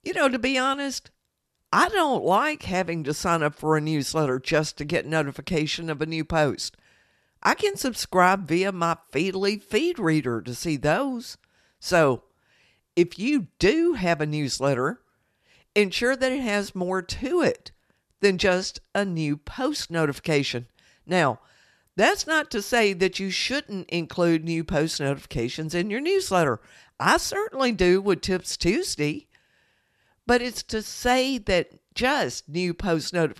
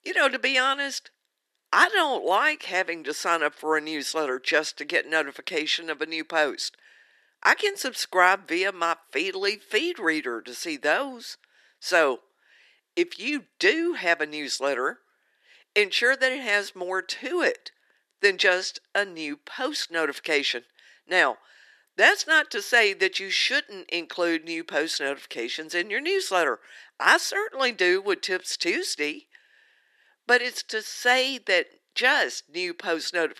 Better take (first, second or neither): first